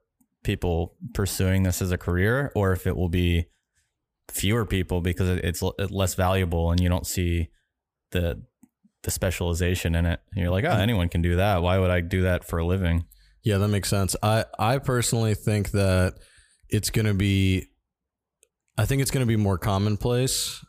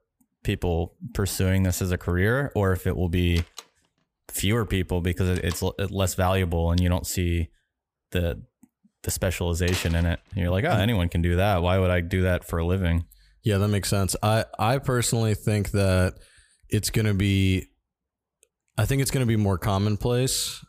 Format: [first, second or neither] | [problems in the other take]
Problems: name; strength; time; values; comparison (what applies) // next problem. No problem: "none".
first | door banging; noticeable; from 3.5 to 10 s; peak 9 dB below the speech